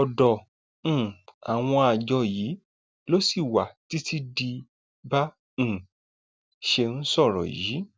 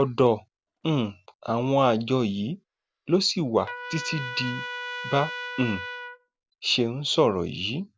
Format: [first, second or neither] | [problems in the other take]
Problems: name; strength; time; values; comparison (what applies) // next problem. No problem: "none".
first | background sound (Trumpet); 13 dB below the speech